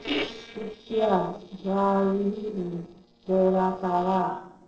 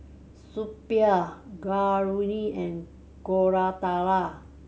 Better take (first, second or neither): second